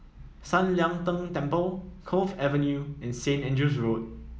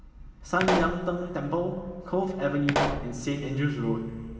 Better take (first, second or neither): first